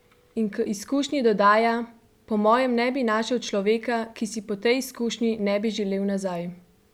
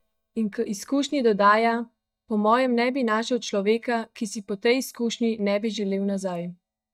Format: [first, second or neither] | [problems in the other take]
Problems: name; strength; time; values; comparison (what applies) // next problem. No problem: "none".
first | noise reduction (neural mask model DeepFilterNet 3)